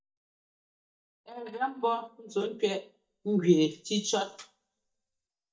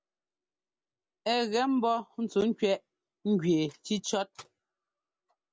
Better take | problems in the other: second | noise reduction (neural mask model DeepFilterNet 3)

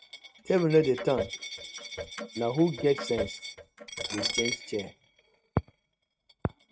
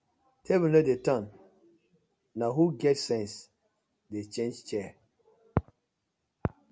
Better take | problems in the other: second | noise reduction (neural mask model RNNoise)

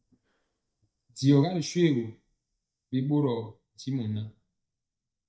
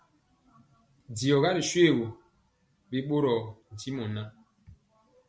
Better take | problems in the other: second | noise reduction (neural mask model DeepFilterNet 3)

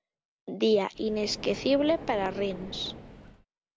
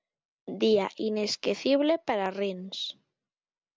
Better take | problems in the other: second | background sound (Car); 13 dB below the speech

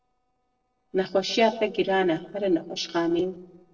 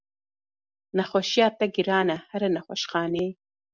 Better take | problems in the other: second | noise reduction (neural separator model SepFormer DNS4)

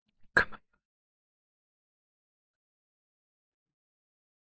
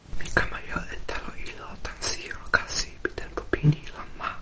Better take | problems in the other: second | noise reduction (neural mask model DeepFilterNet 3)

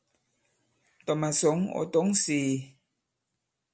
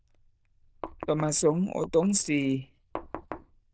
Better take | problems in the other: first | noise reduction (neural diffusion model UNIVERSE++)

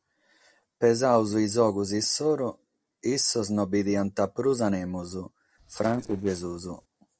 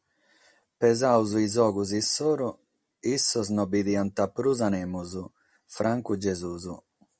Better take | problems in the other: second | noise reduction (neural separator model SepFormer DNS4)

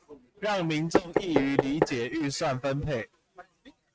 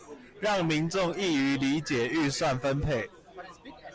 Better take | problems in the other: second | noise reduction (neural mask model RNNoise)

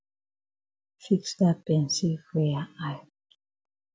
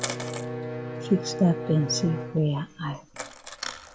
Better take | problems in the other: first | background sound (Bowed string instrument + Coin (dropping)); 7 dB below the speech

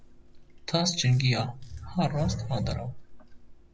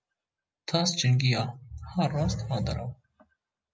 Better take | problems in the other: second | background sound (Chewing, mastication); 14 dB below the speech

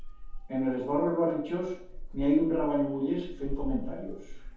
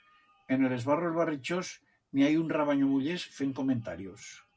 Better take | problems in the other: second | background sound (Meow / Purr); 8 dB below the speech // room echo; dies away in 0.7 s

